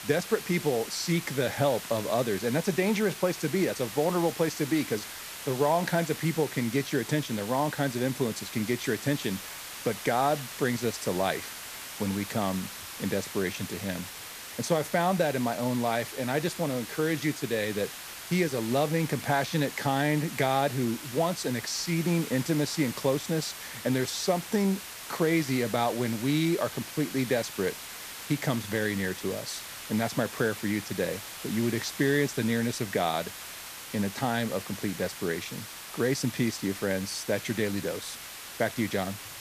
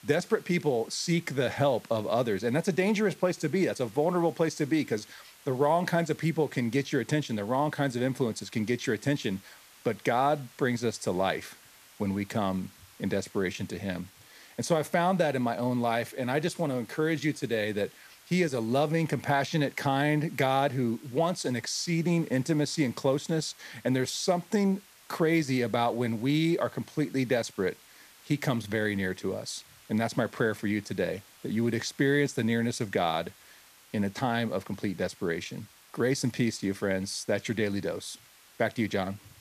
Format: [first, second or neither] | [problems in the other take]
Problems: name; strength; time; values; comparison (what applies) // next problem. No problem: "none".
second | hiss; loud; throughout; 10 dB below the speech; faint in the second